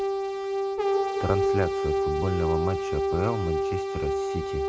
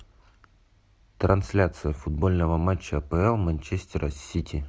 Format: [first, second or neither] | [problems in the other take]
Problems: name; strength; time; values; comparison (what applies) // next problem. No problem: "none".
second | background sound (Brass instrument); 4 dB above the speech